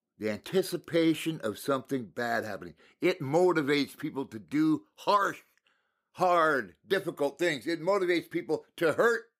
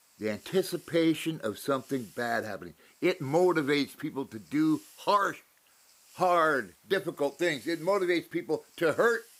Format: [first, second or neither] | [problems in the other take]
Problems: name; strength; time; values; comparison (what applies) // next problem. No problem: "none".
first | hiss; faint; throughout; 25 dB below the speech